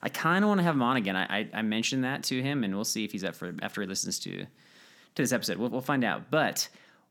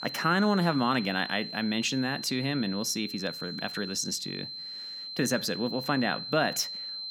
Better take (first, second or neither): first